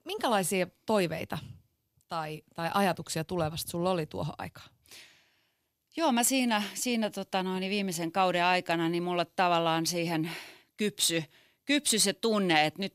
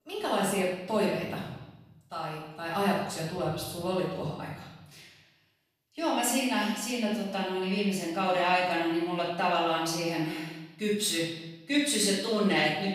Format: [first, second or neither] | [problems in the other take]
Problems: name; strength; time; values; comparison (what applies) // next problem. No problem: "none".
first | off-mic speech; far // room echo; noticeable; dies away in 0.9 s